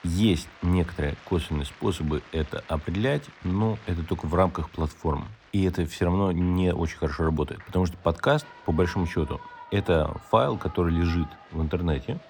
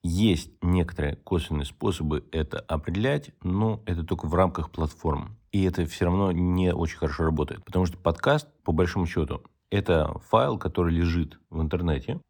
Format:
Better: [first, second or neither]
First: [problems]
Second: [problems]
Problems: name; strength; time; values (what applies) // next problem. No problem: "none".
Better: second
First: crowd noise; faint; throughout; 20 dB below the speech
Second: none